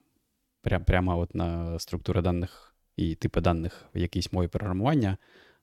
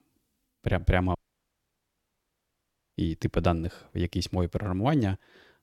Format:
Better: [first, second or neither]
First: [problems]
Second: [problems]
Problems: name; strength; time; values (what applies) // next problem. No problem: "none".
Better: first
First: none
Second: audio cutting out; at 1 s for 2 s